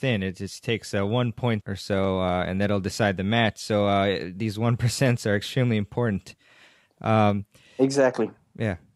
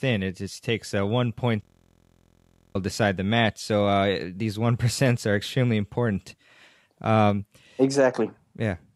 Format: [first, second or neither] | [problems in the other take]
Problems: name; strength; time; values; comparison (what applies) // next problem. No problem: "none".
first | audio freezing; at 1.5 s for 1 s